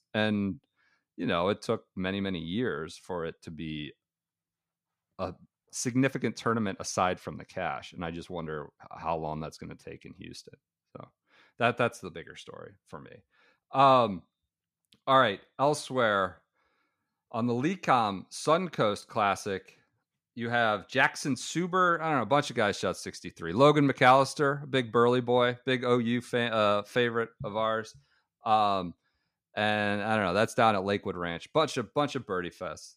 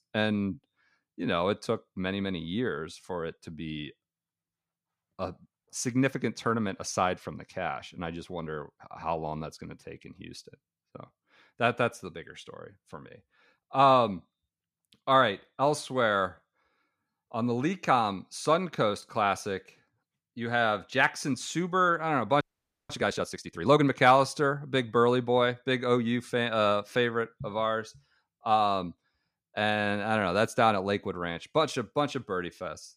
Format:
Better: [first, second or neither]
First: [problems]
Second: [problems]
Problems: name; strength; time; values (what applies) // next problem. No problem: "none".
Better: first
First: none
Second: audio freezing; at 22 s